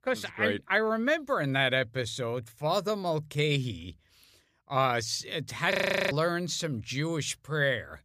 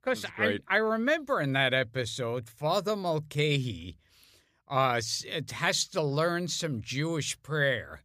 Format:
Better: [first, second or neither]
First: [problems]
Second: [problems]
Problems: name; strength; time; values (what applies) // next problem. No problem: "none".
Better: second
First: audio freezing; at 5.5 s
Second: none